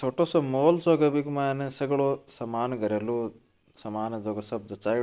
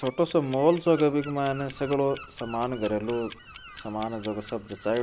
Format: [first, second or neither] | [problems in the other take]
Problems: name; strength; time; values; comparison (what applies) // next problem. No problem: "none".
first | background sound (Gull, seagull + Clock); 18 dB below the speech